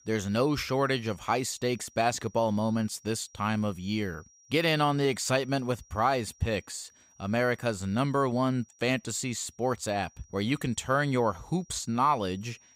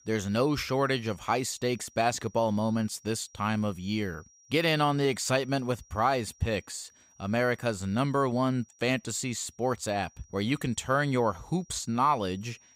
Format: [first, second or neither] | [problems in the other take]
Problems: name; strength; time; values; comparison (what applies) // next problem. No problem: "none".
neither | high-pitched whine; faint; throughout; 5.5 kHz, 30 dB below the speech; the same in both